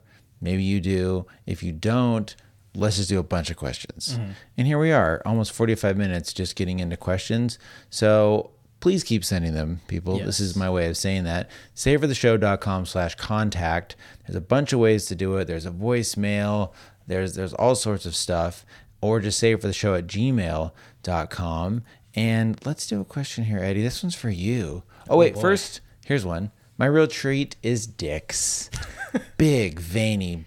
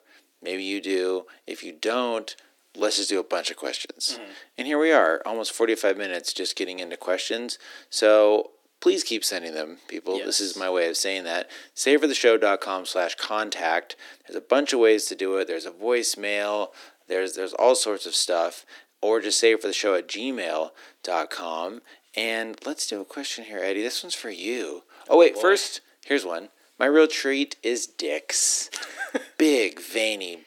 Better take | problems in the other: first | thin; somewhat; fading below 300 Hz

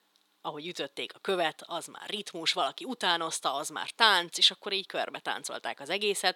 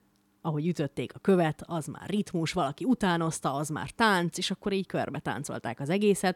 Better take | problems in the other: second | thin; very; fading below 550 Hz

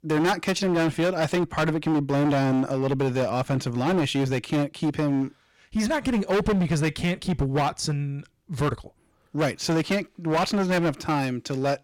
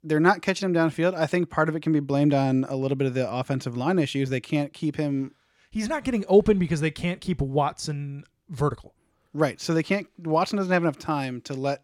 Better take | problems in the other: second | distortion; heavy; 18% of the sound clipped

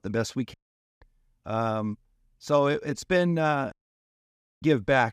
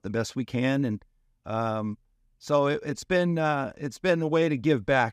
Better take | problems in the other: second | audio cutting out; at 0.5 s and at 3.5 s for 1 s

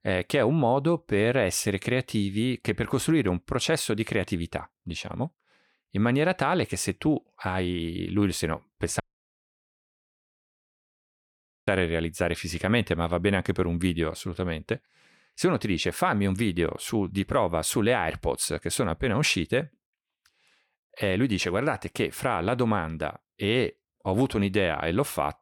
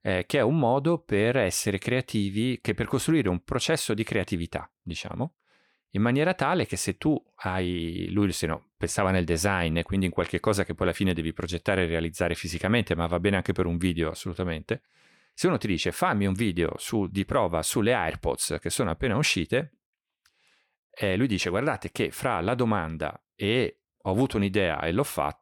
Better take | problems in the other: second | audio cutting out; at 9 s for 2.5 s

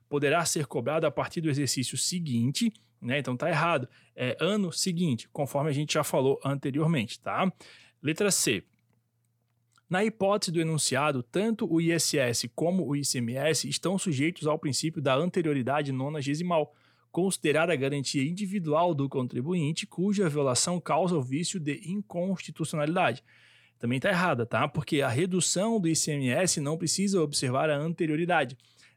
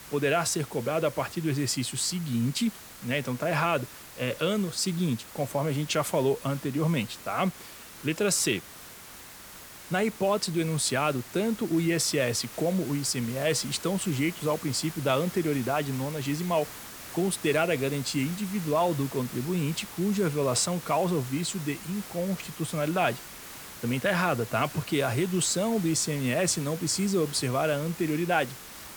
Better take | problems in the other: first | hiss; noticeable; throughout; 15 dB below the speech

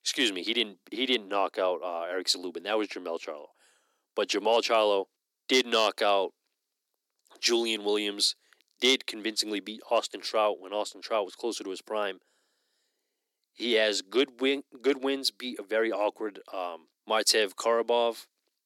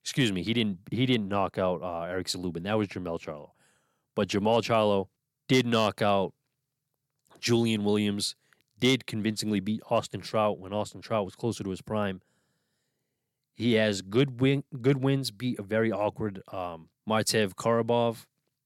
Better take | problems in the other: second | thin; somewhat; fading below 300 Hz

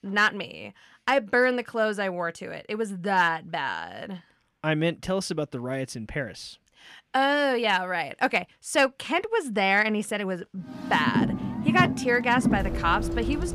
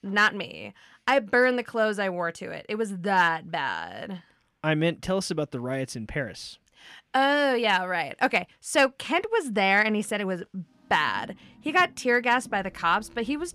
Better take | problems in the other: second | traffic noise; loud; from 11 s on; 2 dB below the speech; faint in the second

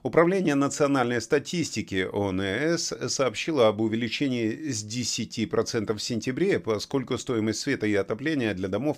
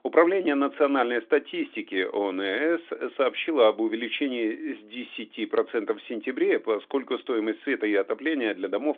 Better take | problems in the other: first | phone-call audio; nothing above 3.5 kHz

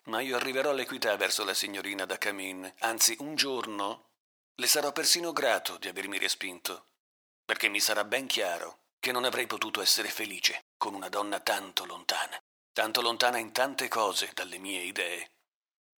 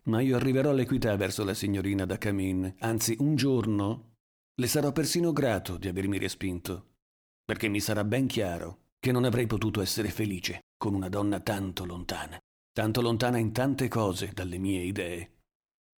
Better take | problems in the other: second | thin; very; fading below 800 Hz

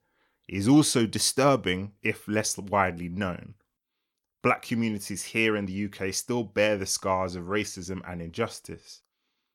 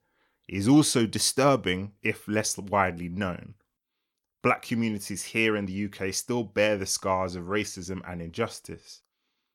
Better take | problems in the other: neither | none

